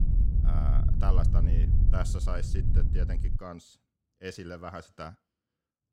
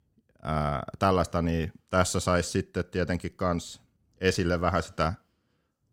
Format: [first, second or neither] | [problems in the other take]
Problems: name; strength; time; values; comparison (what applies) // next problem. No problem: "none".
second | wind noise on the microphone; heavy; until 3.5 s; 3 dB below the speech